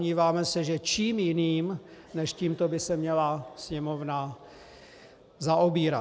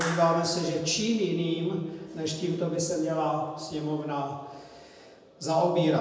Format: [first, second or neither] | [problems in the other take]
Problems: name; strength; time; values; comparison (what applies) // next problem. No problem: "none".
first | background sound (Clapping); 15 dB below the speech // room echo; dies away in 1 s